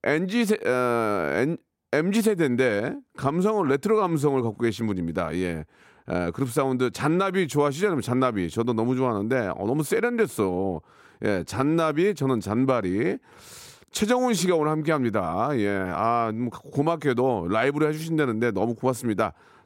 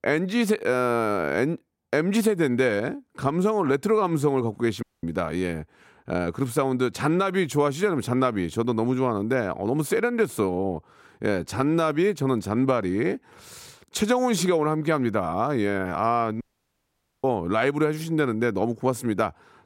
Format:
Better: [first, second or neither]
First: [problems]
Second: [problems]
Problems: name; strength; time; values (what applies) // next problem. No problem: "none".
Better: first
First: none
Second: audio cutting out; at 5 s and at 16 s for 1 s